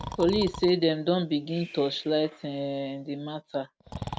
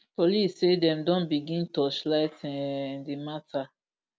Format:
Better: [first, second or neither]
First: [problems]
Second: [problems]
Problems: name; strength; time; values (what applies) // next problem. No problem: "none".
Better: second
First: background sound (Breathing); 14 dB below the speech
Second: none